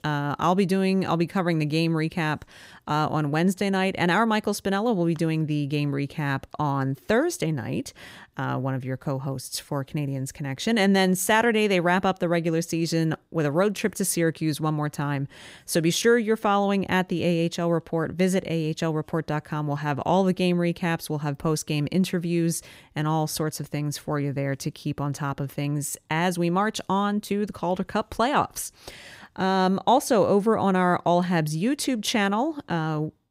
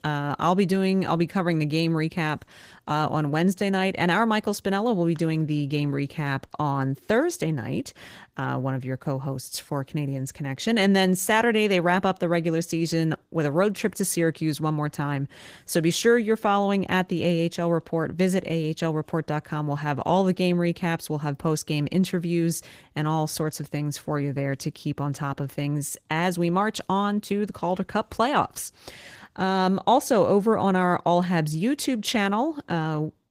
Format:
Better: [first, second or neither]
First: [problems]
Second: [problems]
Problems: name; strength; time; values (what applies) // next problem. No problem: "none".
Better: first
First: none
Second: garbled, watery; slightly; nothing above 15.5 kHz